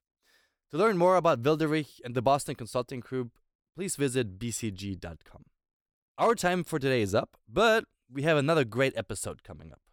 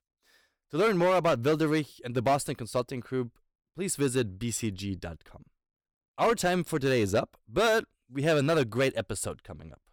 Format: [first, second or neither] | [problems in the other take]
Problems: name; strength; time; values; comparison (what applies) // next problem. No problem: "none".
first | distortion; slight; 5% of the sound clipped